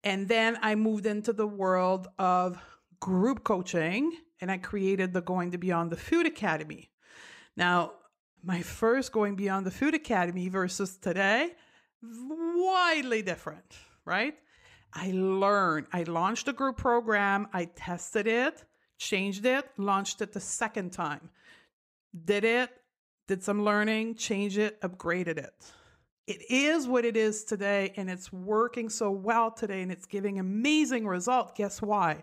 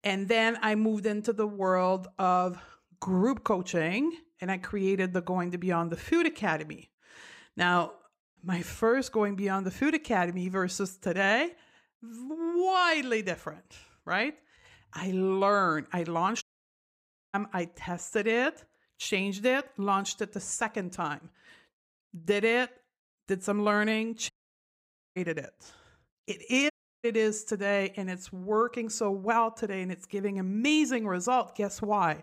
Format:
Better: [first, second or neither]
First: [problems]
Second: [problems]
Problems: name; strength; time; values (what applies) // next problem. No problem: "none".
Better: first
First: none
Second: audio cutting out; at 16 s for 1 s, at 24 s for 1 s and at 27 s